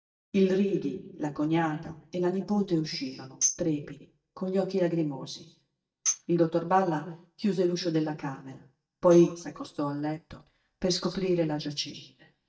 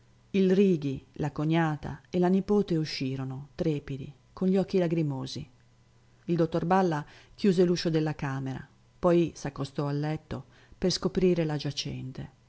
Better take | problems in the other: second | noise reduction (neural mask model DeepFilterNet 3)

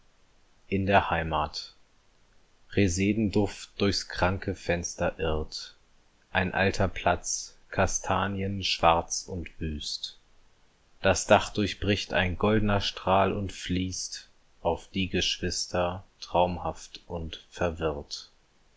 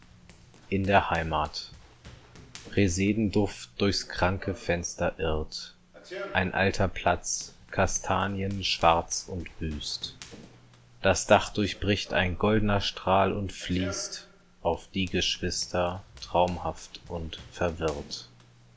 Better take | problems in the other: first | background sound (Run); 20 dB below the speech

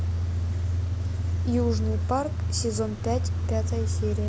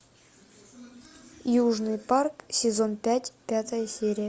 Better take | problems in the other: second | background sound (Idling / Engine starting / Accelerating, revving, vroom / Car); 5 dB above the speech

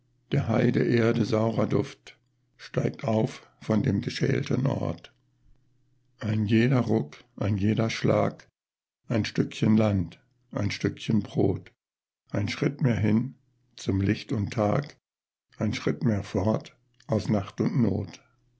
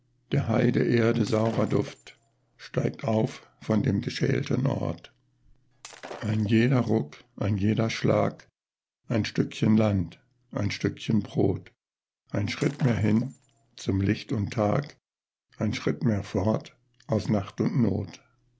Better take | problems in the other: first | background sound (Shatter); 19 dB below the speech

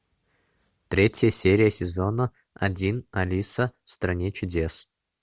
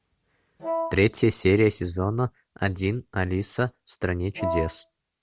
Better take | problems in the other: first | background sound (Wind instrument, woodwind instrument); 5 dB below the speech

